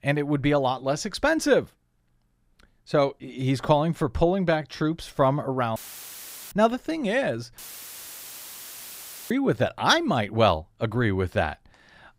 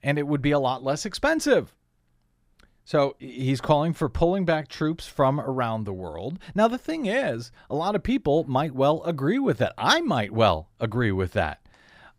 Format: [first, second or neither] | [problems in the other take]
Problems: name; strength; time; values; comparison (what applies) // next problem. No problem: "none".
second | audio cutting out; filled with static; at 6 s for 1 s and at 7.5 s for 1.5 s